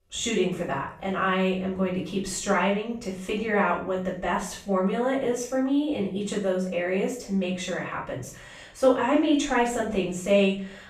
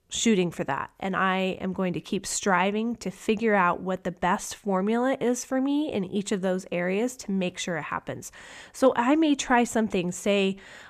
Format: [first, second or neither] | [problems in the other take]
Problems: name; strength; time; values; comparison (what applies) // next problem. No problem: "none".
second | off-mic speech; far // room echo; noticeable; dies away in 0.5 s